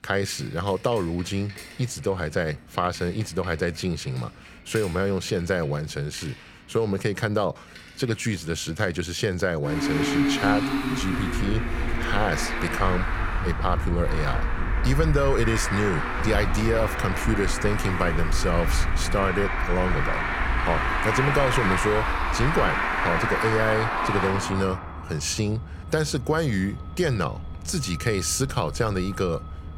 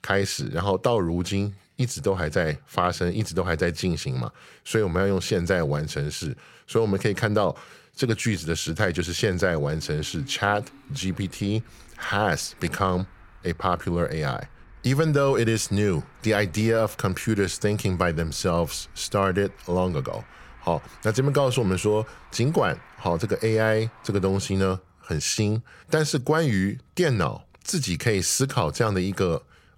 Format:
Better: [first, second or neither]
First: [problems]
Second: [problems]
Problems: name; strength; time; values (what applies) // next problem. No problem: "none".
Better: second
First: traffic noise; loud; throughout; 1 dB below the speech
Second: traffic noise; faint; throughout; 25 dB below the speech